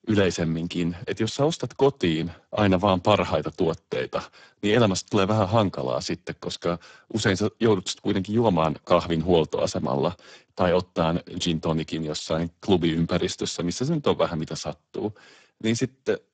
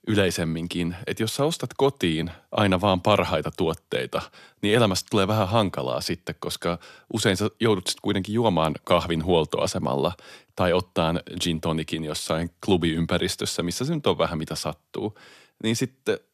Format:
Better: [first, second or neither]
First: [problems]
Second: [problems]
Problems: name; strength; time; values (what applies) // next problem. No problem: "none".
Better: second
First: garbled, watery; badly; nothing above 8 kHz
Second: none